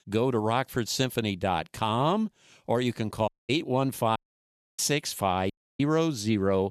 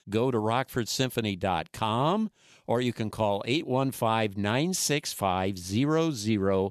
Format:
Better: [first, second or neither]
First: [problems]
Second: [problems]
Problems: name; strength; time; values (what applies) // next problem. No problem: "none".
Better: second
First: audio cutting out; at 3.5 s, at 4 s for 0.5 s and at 5.5 s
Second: none